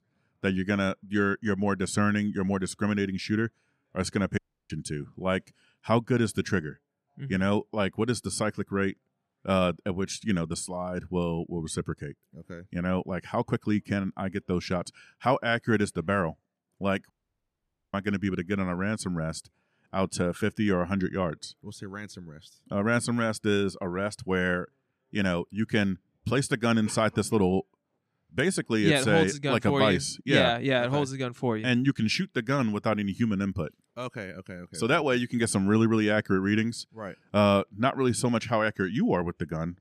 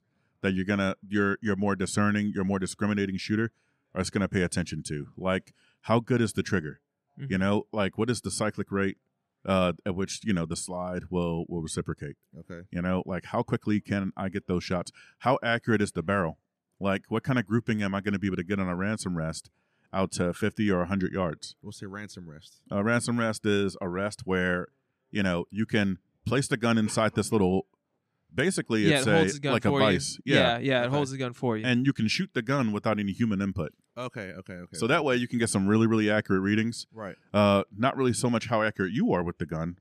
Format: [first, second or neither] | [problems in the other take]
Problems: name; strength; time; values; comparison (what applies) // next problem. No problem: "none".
second | audio cutting out; at 4.5 s and at 17 s for 1 s